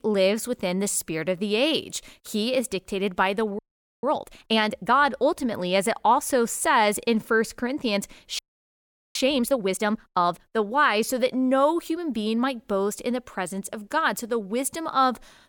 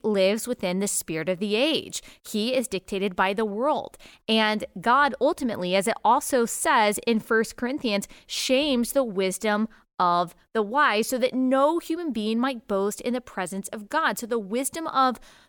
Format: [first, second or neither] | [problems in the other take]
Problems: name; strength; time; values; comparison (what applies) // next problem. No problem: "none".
second | audio freezing; at 3.5 s and at 8.5 s for 1 s